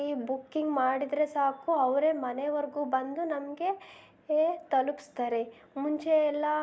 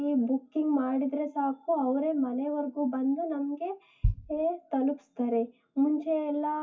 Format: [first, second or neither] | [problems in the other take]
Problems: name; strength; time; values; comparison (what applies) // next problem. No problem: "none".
first | noise reduction (classical method WPE with log-MMSE)